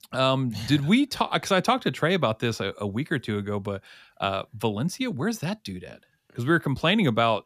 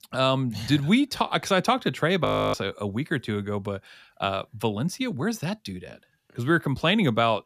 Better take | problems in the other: first | audio freezing; at 2.5 s

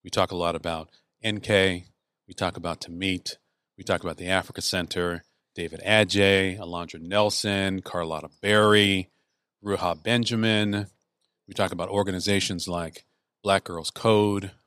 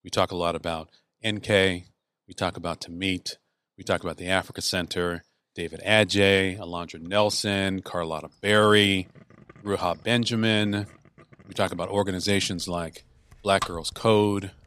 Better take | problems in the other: first | household noises; noticeable; from 6.5 s on; 20 dB below the speech

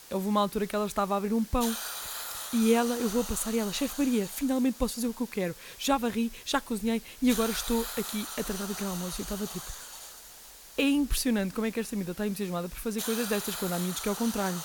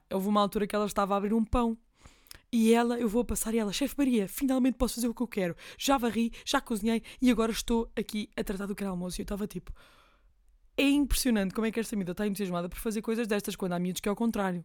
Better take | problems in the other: second | hiss; loud; throughout; 9 dB below the speech

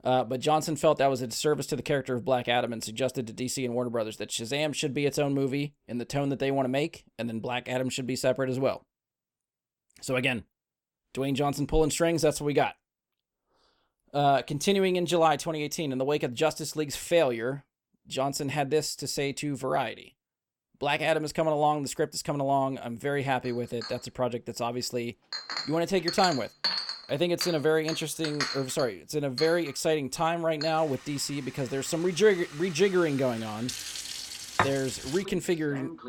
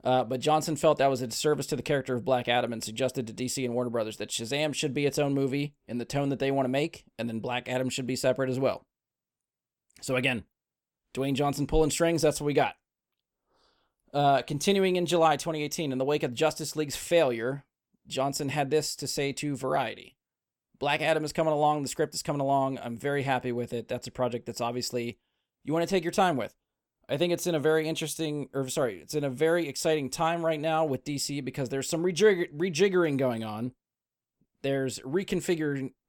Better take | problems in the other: second | household noises; loud; from 24 s on; 7 dB below the speech

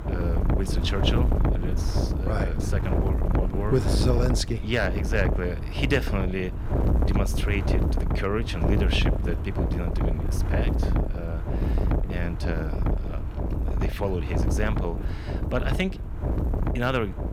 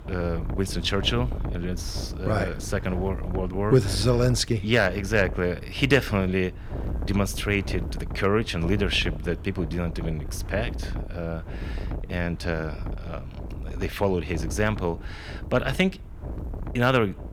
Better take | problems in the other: second | wind noise on the microphone; heavy; 4 dB below the speech; occasional gusts in the second

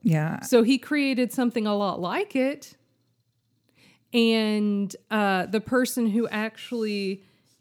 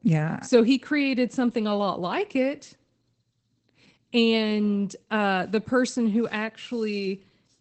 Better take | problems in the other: first | garbled, watery; badly; nothing above 8 kHz

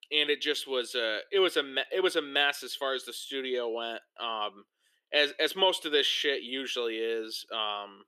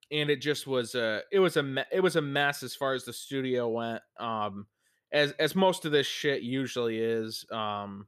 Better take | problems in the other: second | thin; somewhat; fading below 350 Hz

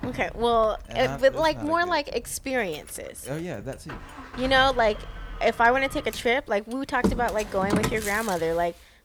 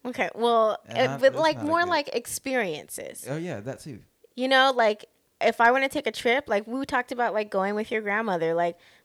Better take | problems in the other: second | traffic noise; loud; throughout; 10 dB below the speech

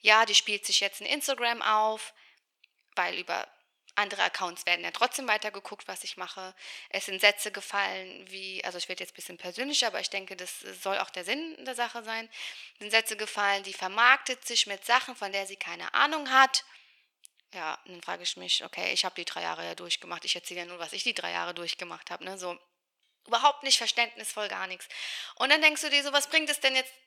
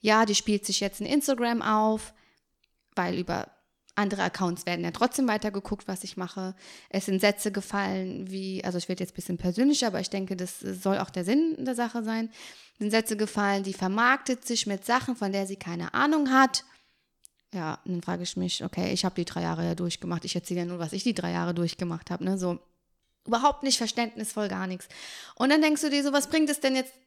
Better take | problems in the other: second | thin; very; fading below 700 Hz

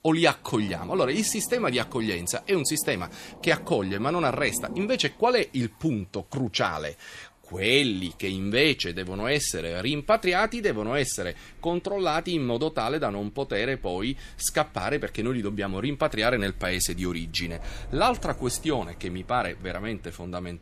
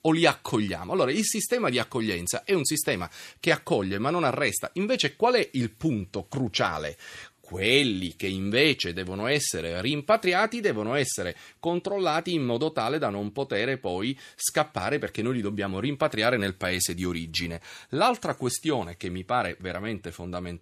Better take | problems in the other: second | rain or running water; noticeable; throughout; 20 dB below the speech

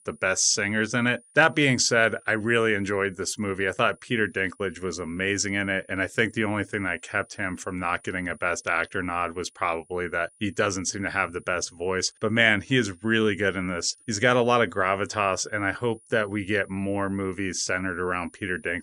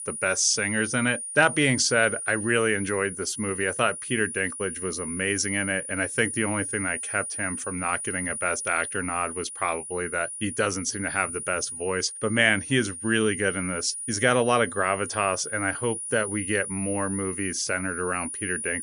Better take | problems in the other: first | high-pitched whine; loud; throughout; 9.5 kHz, 6 dB below the speech; faint in the first

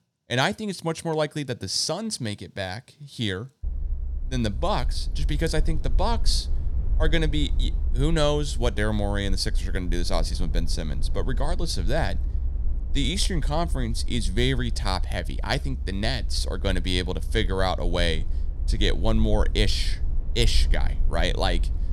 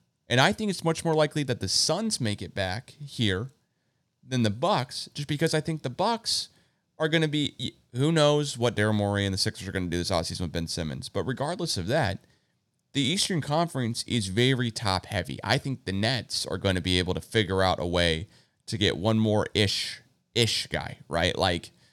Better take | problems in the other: second | low rumble; faint; from 3.5 s on; 20 dB below the speech

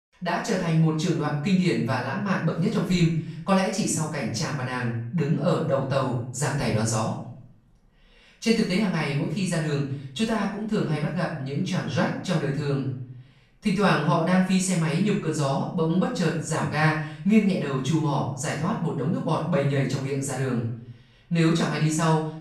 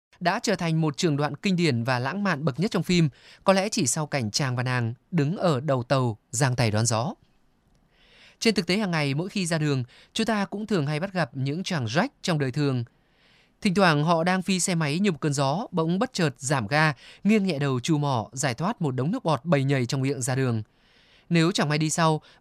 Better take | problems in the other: second | off-mic speech; far // room echo; noticeable; dies away in 0.5 s

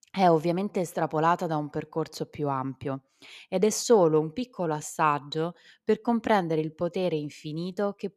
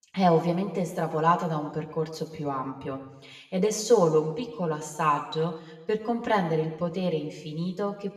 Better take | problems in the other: first | room echo; slight; dies away in 0.9 s // off-mic speech; far

